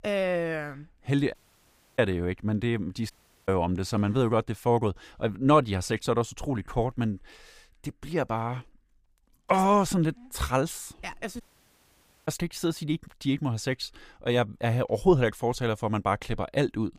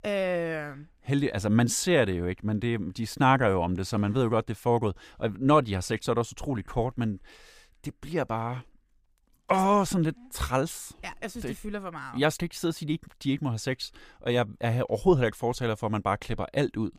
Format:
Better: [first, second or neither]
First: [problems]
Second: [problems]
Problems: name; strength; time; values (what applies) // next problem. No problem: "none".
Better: second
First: audio cutting out; at 1.5 s for 0.5 s, at 3 s and at 11 s for 1 s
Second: none